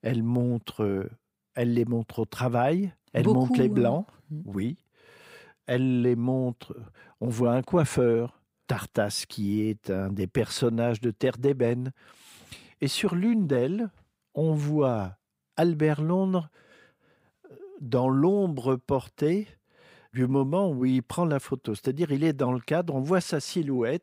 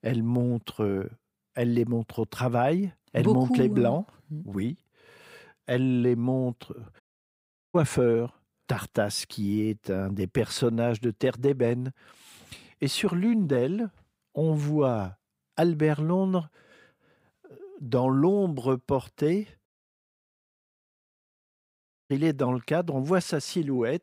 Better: first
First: none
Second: audio cutting out; at 7 s for 0.5 s and at 20 s for 2.5 s

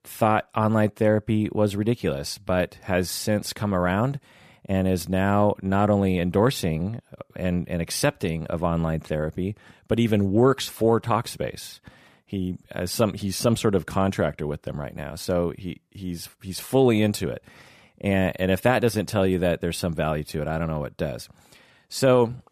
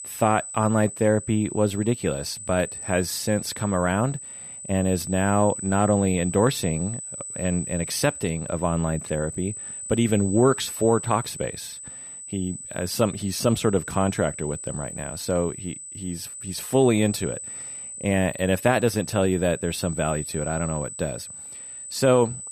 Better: first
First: none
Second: high-pitched whine; loud; throughout; 8 kHz, 9 dB below the speech

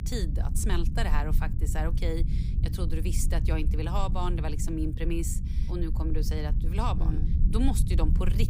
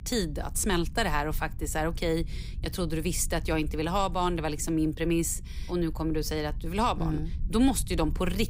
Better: second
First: low rumble; loud; throughout; 9 dB below the speech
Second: low rumble; faint; throughout; 25 dB below the speech

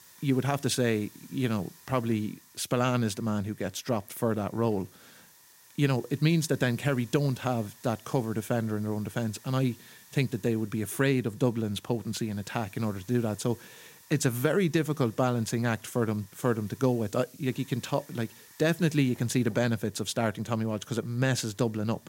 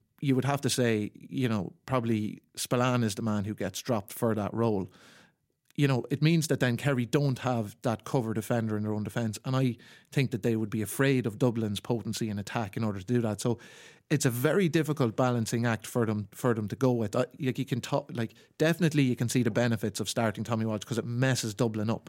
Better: second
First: hiss; faint; throughout; 25 dB below the speech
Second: none

